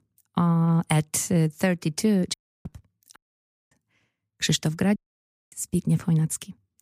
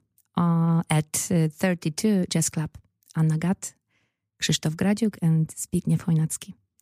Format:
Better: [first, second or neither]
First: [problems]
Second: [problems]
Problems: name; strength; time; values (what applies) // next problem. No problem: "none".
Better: second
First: audio cutting out; at 2.5 s, at 3 s for 0.5 s and at 5 s for 0.5 s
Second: none